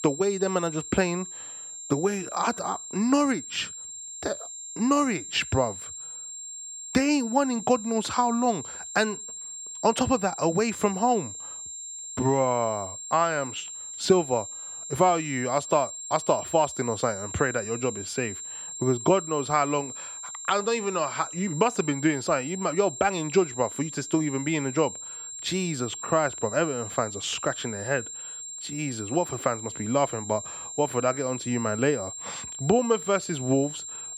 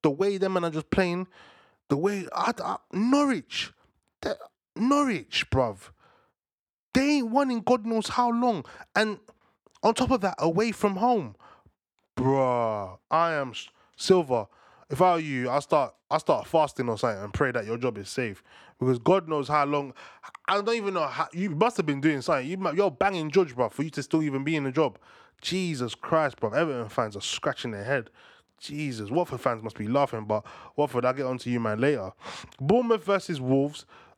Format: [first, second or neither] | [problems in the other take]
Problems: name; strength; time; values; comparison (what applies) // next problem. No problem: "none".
second | high-pitched whine; loud; throughout; 7.5 kHz, 9 dB below the speech